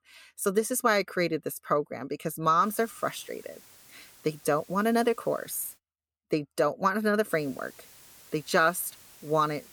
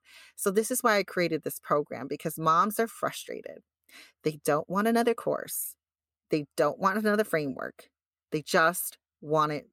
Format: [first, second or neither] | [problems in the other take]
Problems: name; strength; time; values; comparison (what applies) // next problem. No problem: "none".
second | hiss; faint; from 2.5 to 6 s and from 7.5 s on; 25 dB below the speech